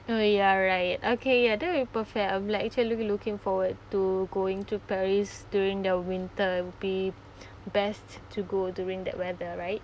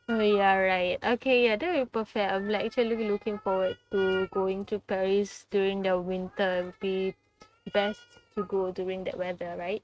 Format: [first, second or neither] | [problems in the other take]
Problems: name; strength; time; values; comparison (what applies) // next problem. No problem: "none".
first | noise reduction (neural mask model RNNoise)